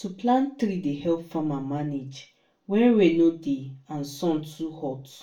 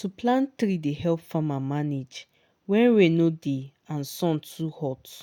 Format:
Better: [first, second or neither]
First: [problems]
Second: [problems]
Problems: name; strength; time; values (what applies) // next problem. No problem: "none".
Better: second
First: room echo; dies away in 0.3 s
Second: none